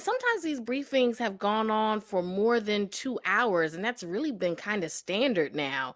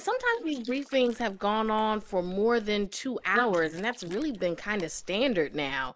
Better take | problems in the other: first | noise reduction (neural mask model Resemble Enhance denoiser)

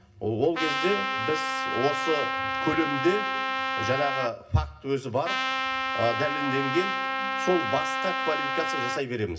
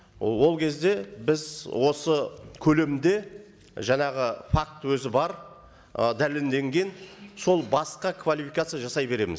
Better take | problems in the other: second | background sound (Trumpet); as loud as the speech // room echo; dies away in 0.4 s

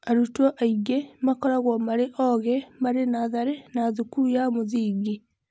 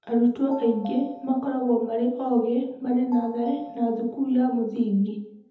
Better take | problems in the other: first | background sound (Telephone); 19 dB below the speech // room echo; dies away in 0.7 s

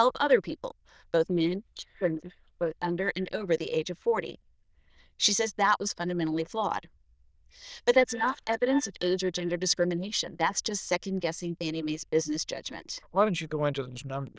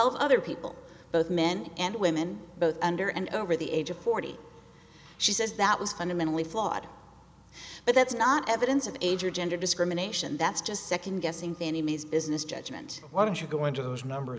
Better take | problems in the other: second | noise reduction (neural diffusion model UNIVERSE++)

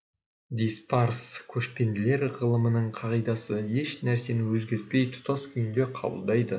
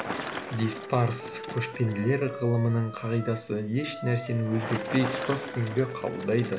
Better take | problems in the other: first | background sound (Wind instrument, woodwind instrument + Bicycle); 9 dB below the speech

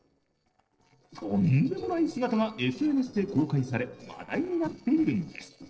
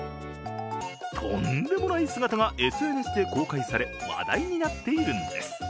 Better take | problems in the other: second | noise reduction (neural separator model SepFormer DNS4)

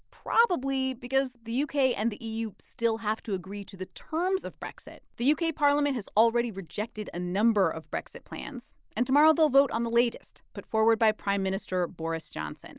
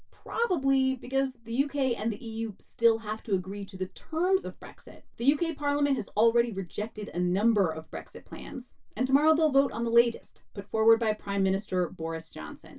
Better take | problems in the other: first | room echo; dies away in 0.1 s

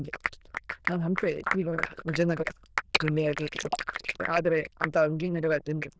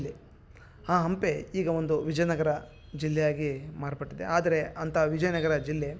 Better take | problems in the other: second | noise reduction (neural diffusion model UNIVERSE++)

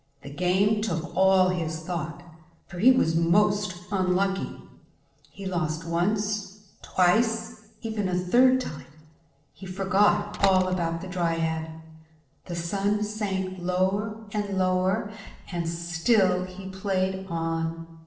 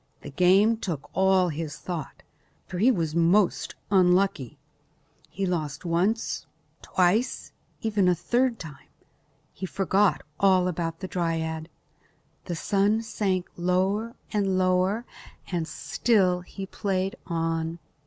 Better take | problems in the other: second | noise reduction (neural separator model SepFormer DNS4)

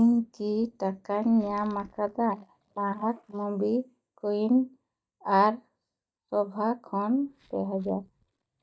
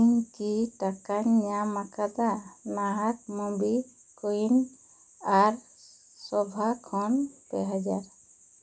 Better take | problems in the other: second | noise reduction (neural mask model DeepFilterNet 3)

